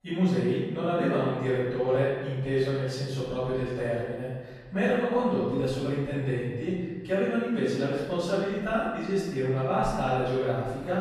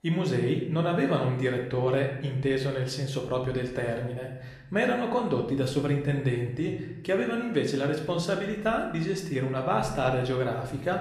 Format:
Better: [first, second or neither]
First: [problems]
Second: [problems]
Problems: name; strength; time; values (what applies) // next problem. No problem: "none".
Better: second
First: room echo; strong; dies away in 1.3 s // off-mic speech; far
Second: room echo; slight; dies away in 0.8 s // off-mic speech; somewhat distant